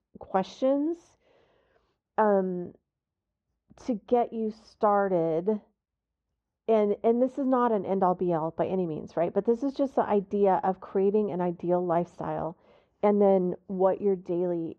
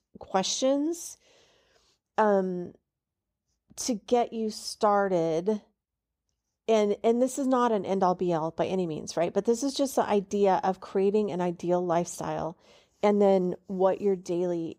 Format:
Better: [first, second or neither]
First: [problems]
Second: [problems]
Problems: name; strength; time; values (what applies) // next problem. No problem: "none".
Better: second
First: muffled; very; fading above 1.5 kHz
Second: none